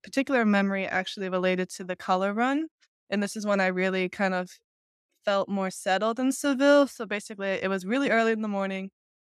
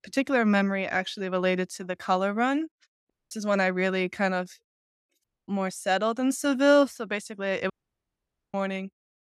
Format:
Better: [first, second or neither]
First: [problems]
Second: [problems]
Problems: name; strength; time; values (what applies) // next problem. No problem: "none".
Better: first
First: none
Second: audio cutting out; at 3 s, at 5 s and at 7.5 s for 1 s